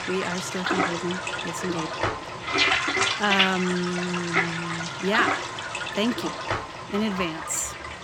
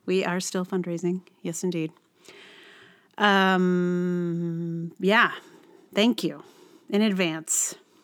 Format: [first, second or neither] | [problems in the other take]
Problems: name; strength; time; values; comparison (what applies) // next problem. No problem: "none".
second | household noises; very loud; throughout; 2 dB above the speech